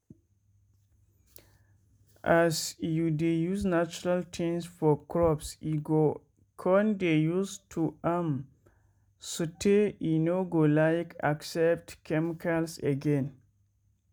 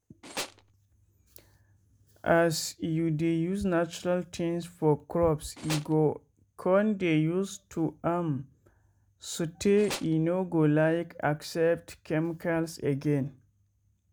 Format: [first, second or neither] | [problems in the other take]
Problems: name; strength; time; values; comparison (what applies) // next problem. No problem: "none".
first | background sound (Tools); 10 dB below the speech